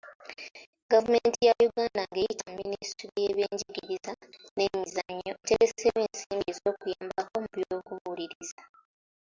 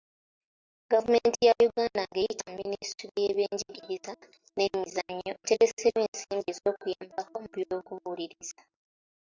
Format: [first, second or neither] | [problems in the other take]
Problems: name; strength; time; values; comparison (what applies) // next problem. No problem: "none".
first | noise reduction (neural mask model DeepFilterNet 3)